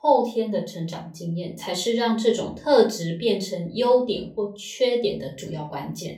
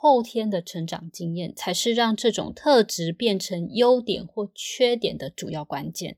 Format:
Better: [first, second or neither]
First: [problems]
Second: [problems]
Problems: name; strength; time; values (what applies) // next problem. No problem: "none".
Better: second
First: room echo; slight; dies away in 0.3 s // off-mic speech; far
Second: none